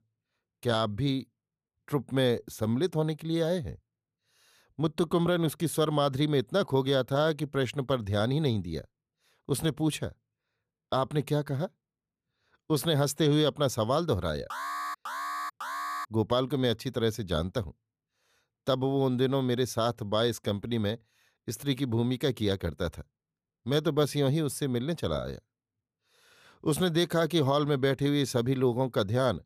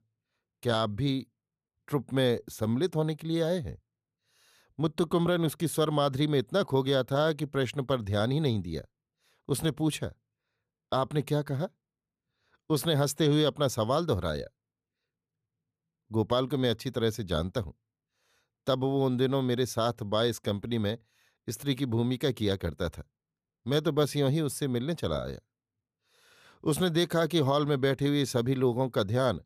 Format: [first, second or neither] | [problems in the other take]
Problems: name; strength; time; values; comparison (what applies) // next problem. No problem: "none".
second | alarm; noticeable; from 15 to 16 s; peak 5 dB below the speech